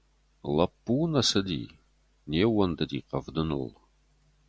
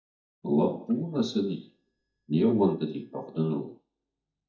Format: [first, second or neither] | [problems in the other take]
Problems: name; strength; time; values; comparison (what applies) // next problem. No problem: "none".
first | noise reduction (neural mask model DeepFilterNet 3)